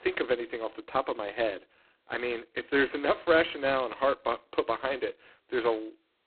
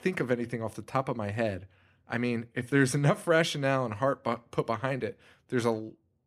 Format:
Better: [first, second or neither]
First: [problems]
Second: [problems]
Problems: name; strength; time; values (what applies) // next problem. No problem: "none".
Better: second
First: phone-call audio; poor line; nothing above 4 kHz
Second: none